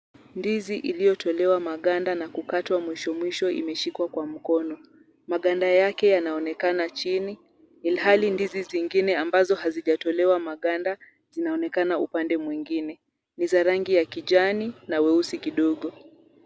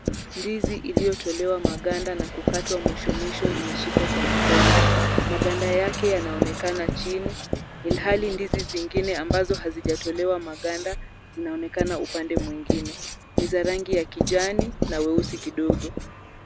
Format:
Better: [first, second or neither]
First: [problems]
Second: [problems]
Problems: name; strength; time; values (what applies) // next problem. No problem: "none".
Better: first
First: none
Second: background sound (Engine + Writing); 1 dB above the speech